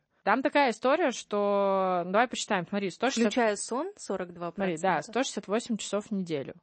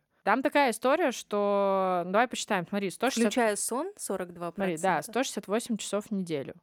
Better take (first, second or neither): second